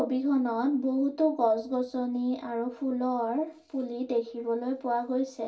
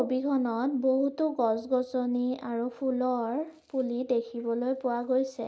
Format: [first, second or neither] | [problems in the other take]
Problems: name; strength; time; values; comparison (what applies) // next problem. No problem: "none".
second | room echo; dies away in 0.2 s